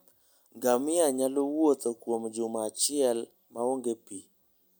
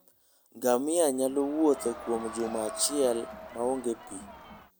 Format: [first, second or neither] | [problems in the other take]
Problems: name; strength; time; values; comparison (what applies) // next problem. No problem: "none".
first | background sound (Crowd); 13 dB below the speech